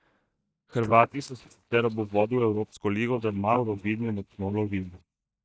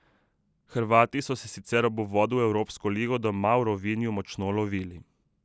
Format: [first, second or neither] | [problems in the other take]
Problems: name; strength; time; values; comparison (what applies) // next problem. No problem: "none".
second | noise reduction (neural mask model DeepFilterNet 3)